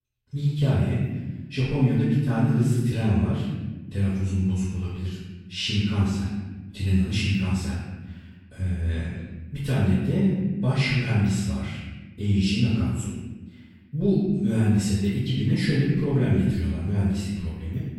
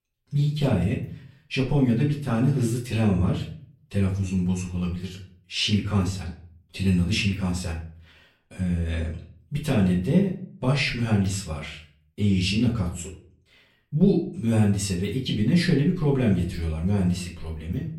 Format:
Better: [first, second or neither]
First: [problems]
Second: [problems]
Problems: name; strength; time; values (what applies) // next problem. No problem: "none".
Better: second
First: room echo; strong; dies away in 1.3 s // off-mic speech; far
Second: room echo; slight; dies away in 0.4 s // off-mic speech; far